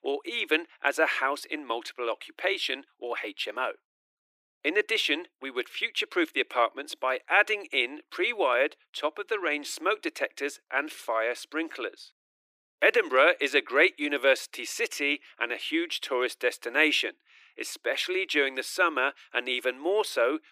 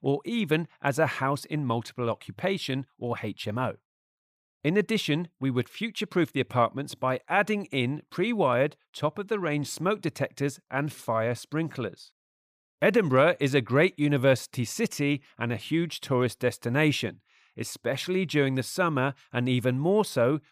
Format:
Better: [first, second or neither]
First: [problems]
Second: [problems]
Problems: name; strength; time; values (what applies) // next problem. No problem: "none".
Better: second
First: thin; very; fading below 300 Hz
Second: none